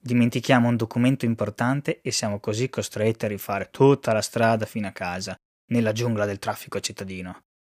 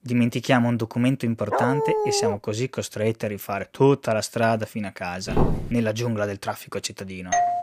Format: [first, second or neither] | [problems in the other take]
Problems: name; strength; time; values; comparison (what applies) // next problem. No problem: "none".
first | dog barking; loud; at 1.5 s; peak 1 dB above the speech // footsteps; loud; at 5.5 s; peak 1 dB above the speech // doorbell; very faint; at 7.5 s; peak 2 dB above the speech